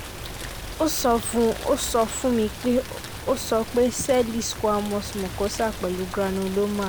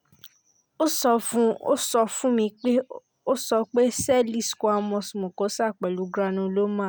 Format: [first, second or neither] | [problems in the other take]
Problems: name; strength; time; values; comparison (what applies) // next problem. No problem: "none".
second | background sound (Rain); 10 dB below the speech